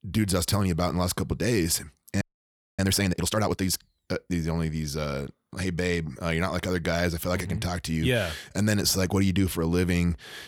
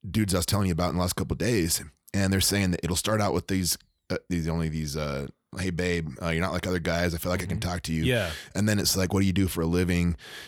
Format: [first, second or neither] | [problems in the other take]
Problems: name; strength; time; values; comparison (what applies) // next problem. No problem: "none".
second | audio freezing; at 2 s for 0.5 s